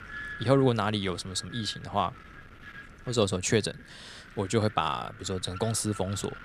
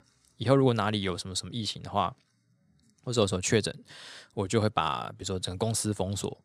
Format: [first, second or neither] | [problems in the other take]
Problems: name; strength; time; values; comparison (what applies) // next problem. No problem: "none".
second | wind noise on the microphone; occasional gusts; 15 dB below the speech